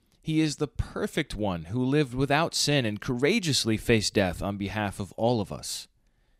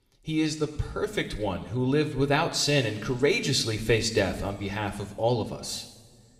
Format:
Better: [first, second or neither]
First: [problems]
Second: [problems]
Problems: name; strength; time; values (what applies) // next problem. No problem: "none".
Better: first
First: none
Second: room echo; slight; dies away in 1.4 s